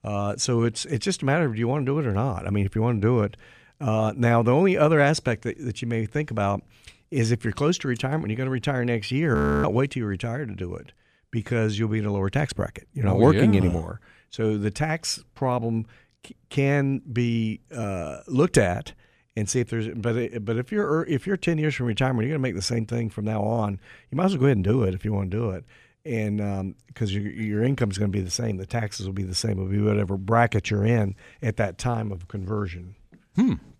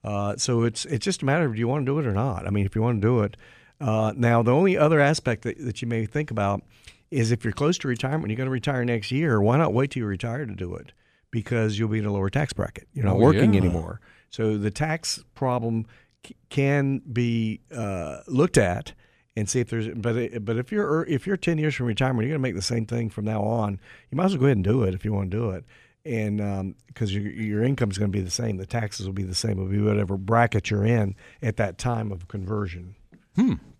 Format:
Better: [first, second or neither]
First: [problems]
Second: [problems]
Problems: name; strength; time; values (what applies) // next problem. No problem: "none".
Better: second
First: audio freezing; at 9.5 s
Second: none